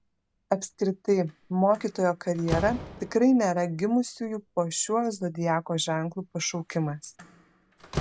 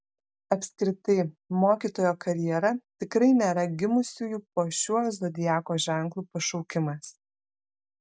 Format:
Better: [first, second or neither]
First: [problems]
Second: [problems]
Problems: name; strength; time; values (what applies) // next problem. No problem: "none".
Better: second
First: background sound (Slam); 14 dB below the speech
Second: none